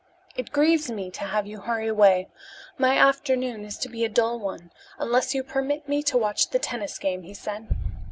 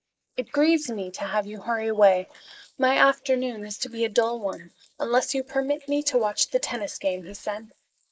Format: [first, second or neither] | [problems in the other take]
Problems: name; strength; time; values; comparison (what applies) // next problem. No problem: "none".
first | noise reduction (neural mask model Resemble Enhance denoiser)